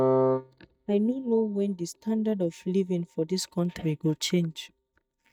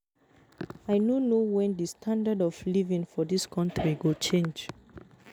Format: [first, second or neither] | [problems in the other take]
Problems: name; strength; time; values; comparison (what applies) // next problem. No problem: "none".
second | noise reduction (neural mask model DeepFilterNet 3)